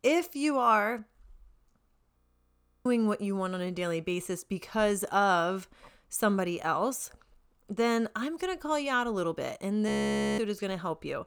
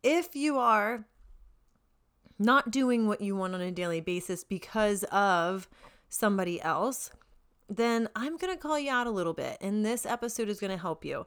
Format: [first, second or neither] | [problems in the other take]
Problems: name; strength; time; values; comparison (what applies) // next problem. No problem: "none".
second | audio freezing; at 2 s for 0.5 s and at 10 s